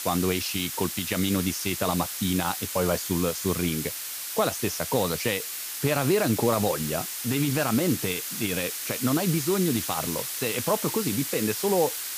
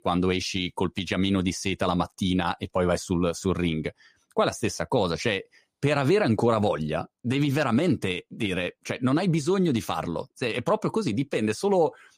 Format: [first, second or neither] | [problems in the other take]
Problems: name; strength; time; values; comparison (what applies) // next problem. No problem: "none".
second | hiss; loud; throughout; 3 dB below the speech